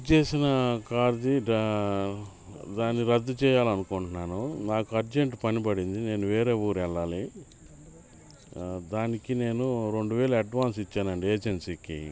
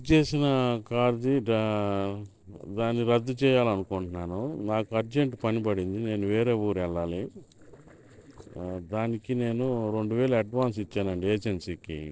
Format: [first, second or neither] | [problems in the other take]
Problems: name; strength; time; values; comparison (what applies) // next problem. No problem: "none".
first | noise reduction (neural separator model SepFormer DNS4)